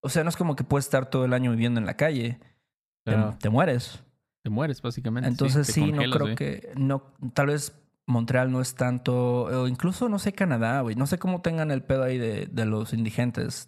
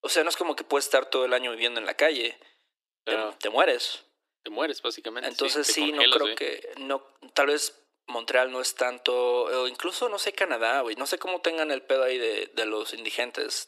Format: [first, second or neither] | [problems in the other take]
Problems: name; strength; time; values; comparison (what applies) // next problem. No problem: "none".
first | thin; very; fading below 300 Hz